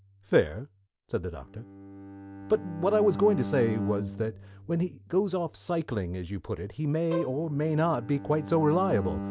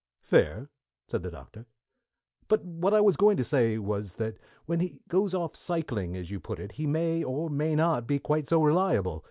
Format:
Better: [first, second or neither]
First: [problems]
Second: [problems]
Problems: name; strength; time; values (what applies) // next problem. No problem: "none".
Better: second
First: background sound (Bowed string instrument + Bowed string instrument); 11 dB below the speech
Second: none